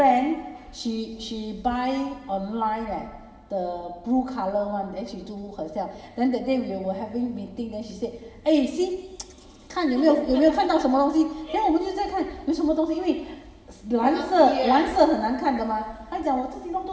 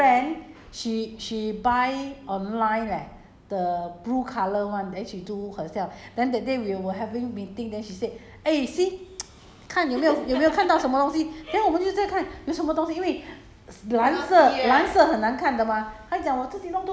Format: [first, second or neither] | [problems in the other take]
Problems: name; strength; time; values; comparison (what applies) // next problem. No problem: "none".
second | room echo; dies away in 2.4 s